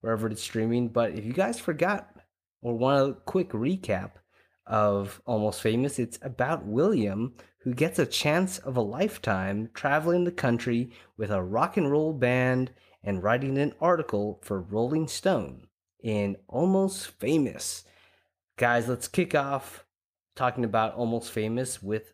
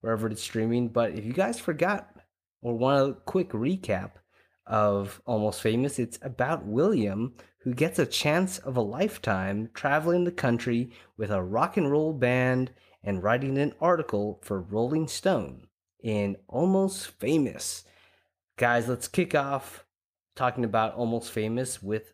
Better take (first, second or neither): neither